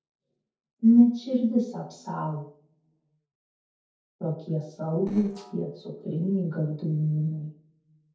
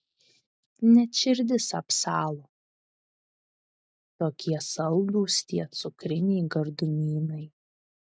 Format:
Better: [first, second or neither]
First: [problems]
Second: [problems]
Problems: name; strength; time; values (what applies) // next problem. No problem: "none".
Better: second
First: noise reduction (neural separator model SepFormer DNS4)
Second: none